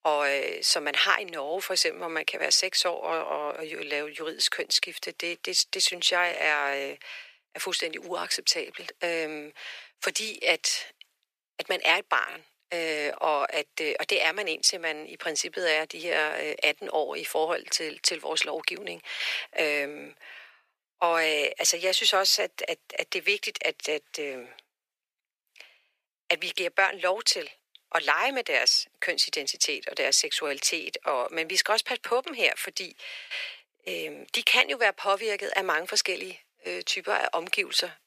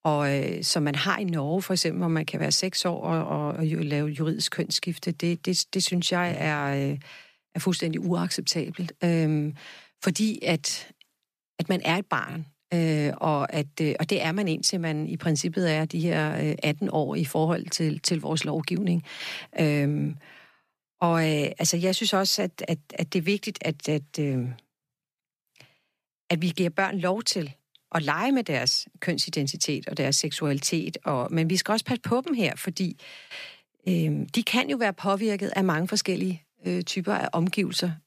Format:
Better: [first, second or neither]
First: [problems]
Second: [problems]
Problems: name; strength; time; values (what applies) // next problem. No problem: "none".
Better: second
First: thin; very; fading below 450 Hz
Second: none